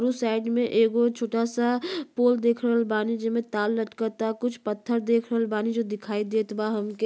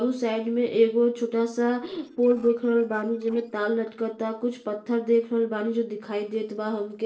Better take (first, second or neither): first